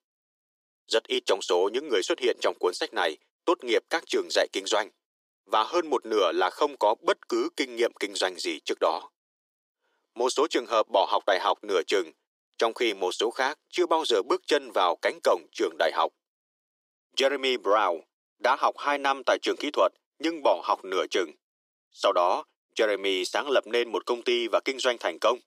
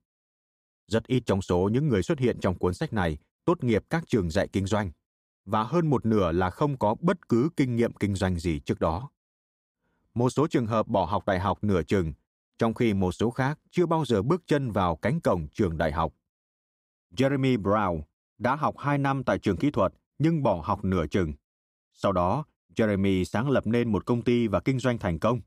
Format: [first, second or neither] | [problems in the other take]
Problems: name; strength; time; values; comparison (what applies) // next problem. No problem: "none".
second | thin; very; fading below 350 Hz